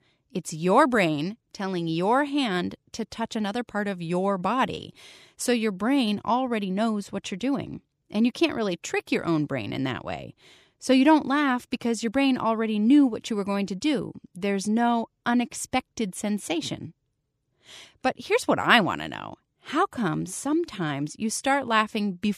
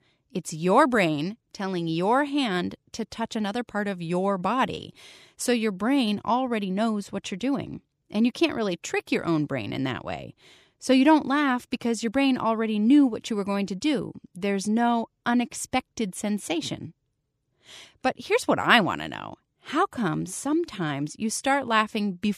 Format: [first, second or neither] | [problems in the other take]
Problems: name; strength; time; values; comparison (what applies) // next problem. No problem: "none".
neither | none